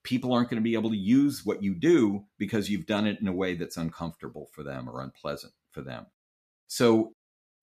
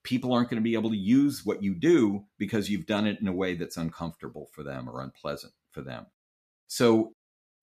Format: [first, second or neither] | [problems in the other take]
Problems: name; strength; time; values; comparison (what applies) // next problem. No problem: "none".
neither | none